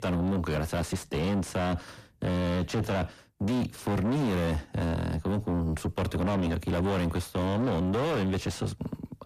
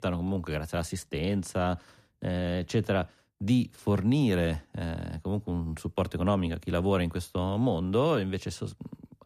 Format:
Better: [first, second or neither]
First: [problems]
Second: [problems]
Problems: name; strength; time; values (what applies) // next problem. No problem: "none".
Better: second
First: distortion; heavy; 5 dB below the speech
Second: none